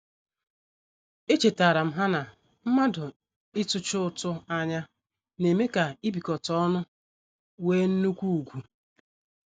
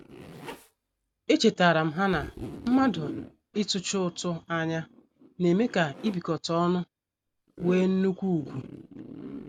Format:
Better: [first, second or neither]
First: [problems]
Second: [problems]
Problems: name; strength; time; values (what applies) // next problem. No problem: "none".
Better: first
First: none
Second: background sound (Zipper (clothing)); 15 dB below the speech